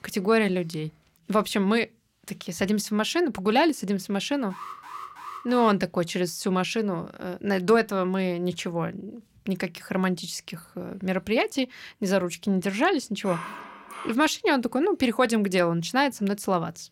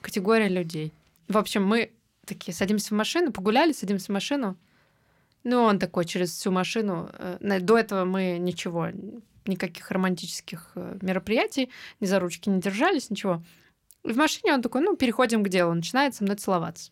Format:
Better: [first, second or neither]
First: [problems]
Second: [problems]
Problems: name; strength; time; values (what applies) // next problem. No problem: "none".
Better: second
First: alarm; faint; from 4.5 to 5.5 s; peak 15 dB below the speech // dog barking; faint; at 13 s; peak 10 dB below the speech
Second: none